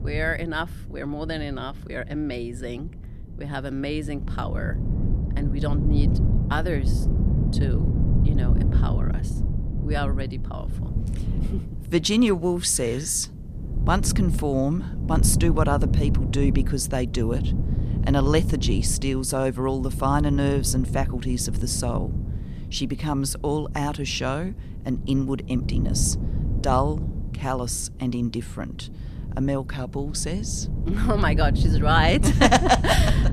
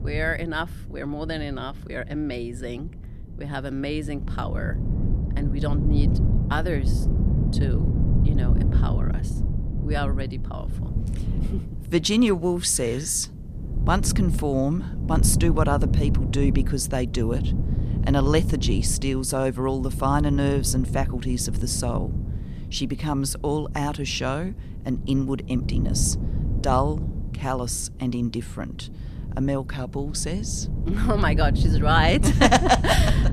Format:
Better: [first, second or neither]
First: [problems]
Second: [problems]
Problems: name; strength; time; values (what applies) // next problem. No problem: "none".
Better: neither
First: wind noise on the microphone; occasional gusts; 10 dB below the speech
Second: wind noise on the microphone; occasional gusts; 10 dB below the speech